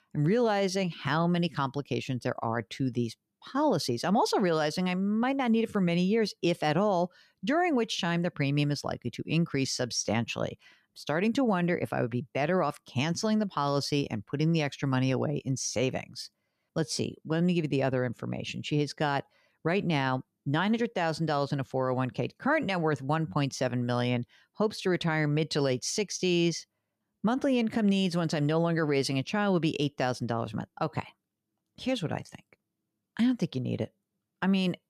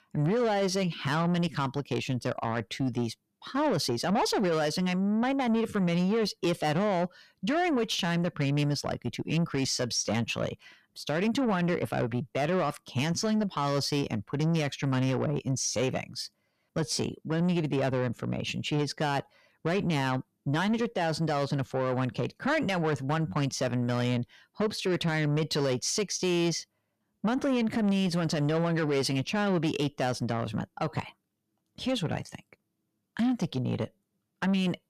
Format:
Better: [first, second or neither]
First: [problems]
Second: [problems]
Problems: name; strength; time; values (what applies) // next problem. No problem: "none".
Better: first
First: none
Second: distortion; slight; 10 dB below the speech